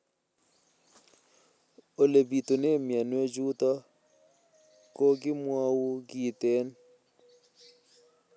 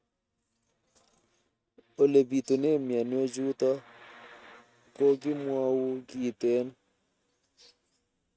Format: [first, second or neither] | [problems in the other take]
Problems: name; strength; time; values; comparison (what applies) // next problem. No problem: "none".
first | noise reduction (neural mask model RNNoise)